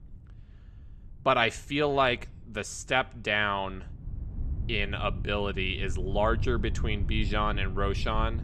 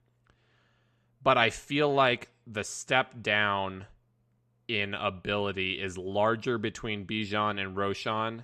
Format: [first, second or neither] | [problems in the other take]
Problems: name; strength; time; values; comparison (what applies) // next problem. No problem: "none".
second | wind noise on the microphone; occasional gusts; 20 dB below the speech